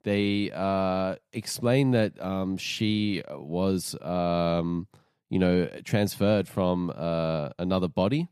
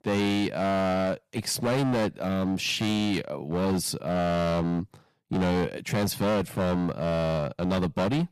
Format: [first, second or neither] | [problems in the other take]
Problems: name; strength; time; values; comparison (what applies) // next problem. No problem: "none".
first | distortion; heavy; 19% of the sound clipped